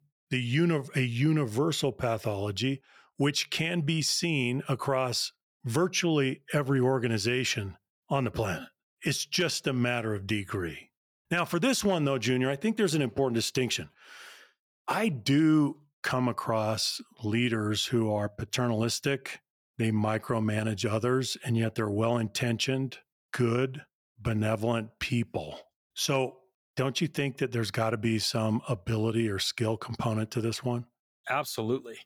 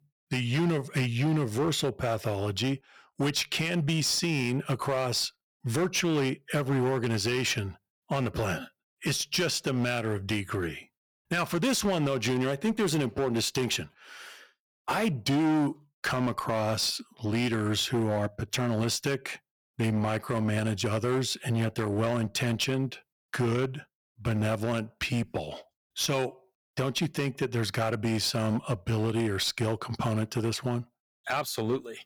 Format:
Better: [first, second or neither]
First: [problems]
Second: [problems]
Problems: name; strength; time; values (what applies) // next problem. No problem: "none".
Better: first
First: none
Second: distortion; slight; 10% of the sound clipped